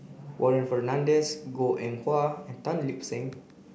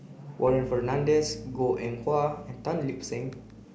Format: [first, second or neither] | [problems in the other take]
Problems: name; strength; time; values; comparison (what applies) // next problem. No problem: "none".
first | background sound (Organ); 14 dB below the speech